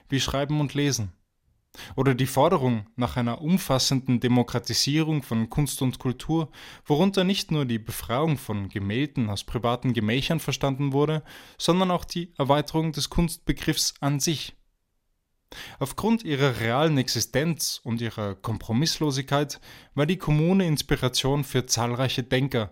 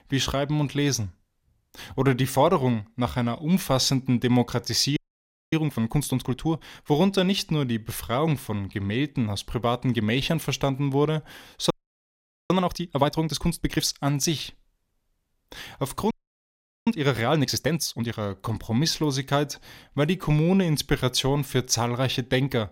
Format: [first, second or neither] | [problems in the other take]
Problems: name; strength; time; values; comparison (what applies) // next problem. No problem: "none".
first | audio freezing; at 5 s for 0.5 s, at 12 s for 1 s and at 16 s for 1 s